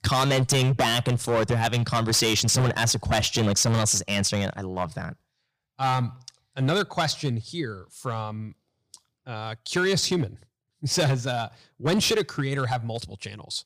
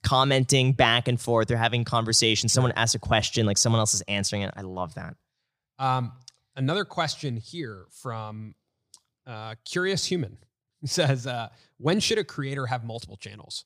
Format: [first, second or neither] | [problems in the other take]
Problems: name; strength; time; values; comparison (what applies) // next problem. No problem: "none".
second | distortion; heavy; 10% of the sound clipped